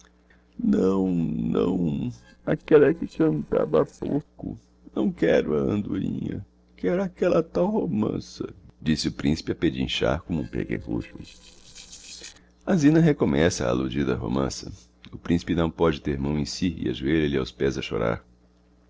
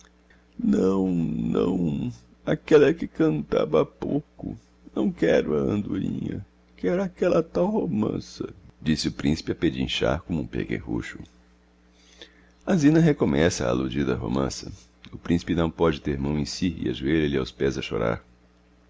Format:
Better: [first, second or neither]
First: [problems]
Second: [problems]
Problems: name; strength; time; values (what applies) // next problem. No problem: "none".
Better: second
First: noise reduction (neural separator model SepFormer DNS4)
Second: none